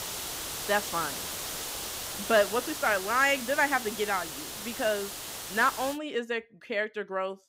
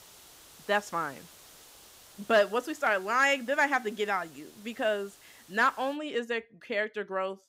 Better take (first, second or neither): second